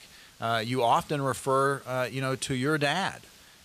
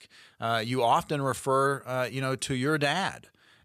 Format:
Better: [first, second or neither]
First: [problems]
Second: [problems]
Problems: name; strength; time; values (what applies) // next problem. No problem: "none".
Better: second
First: hiss; faint; throughout; 25 dB below the speech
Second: none